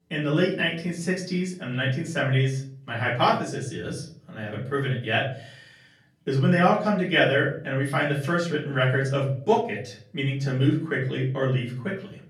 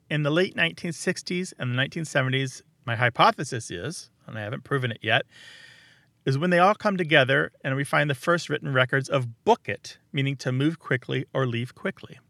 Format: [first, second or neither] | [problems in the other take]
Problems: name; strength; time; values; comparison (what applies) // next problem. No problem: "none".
second | room echo; slight; dies away in 0.5 s // off-mic speech; far